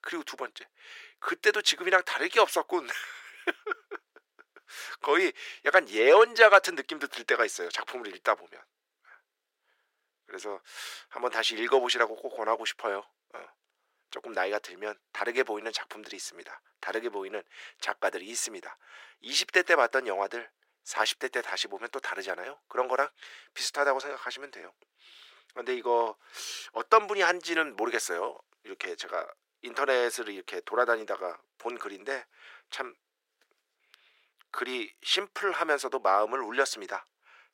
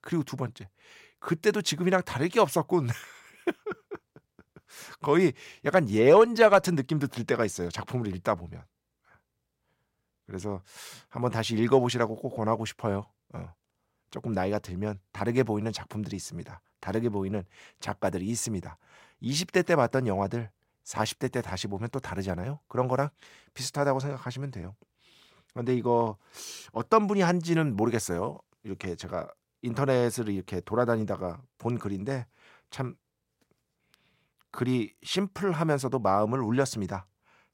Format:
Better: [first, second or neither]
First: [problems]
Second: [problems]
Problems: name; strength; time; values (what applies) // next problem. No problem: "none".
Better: second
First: thin; very; fading below 350 Hz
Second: none